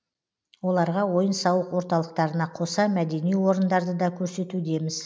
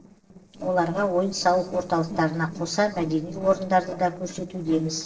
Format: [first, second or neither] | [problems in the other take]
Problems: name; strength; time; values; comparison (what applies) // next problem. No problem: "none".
first | noise reduction (neural separator model SepFormer DNS4)